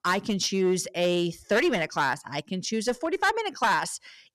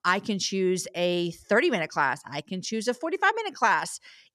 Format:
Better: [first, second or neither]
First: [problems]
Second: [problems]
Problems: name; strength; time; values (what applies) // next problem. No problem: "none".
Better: second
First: distortion; slight; 6% of the sound clipped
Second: none